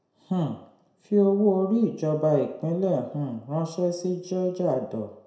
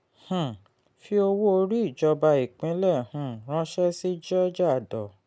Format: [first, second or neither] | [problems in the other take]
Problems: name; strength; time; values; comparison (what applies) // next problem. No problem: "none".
second | room echo; dies away in 0.6 s